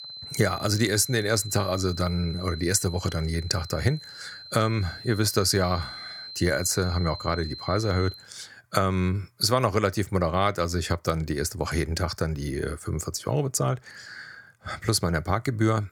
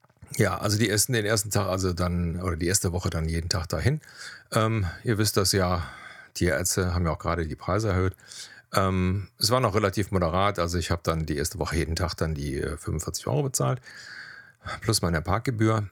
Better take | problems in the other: second | high-pitched whine; noticeable; until 8 s; 4 kHz, 10 dB below the speech

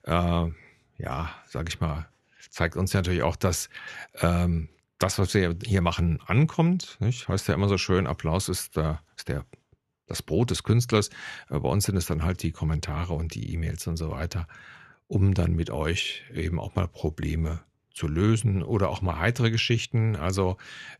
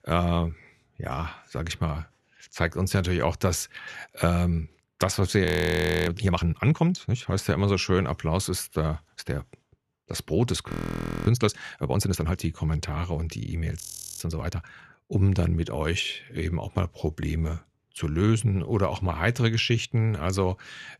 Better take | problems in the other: first | audio freezing; at 5.5 s for 0.5 s, at 11 s for 0.5 s and at 14 s

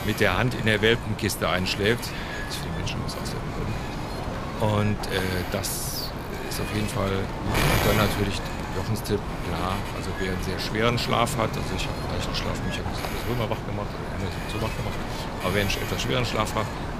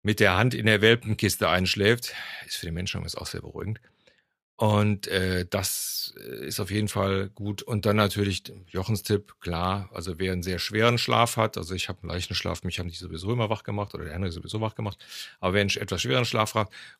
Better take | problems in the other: second | wind noise on the microphone; heavy; 4 dB below the speech

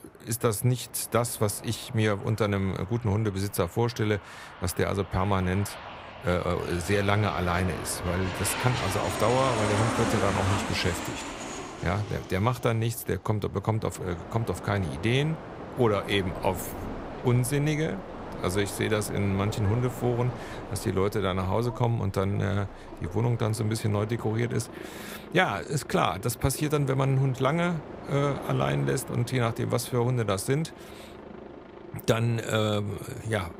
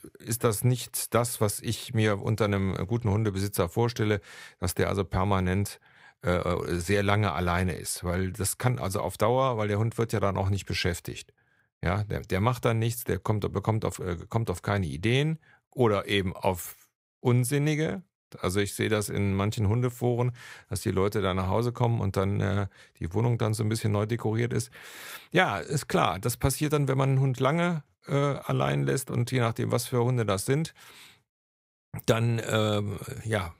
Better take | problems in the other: second | train or aircraft noise; loud; throughout; 9 dB below the speech

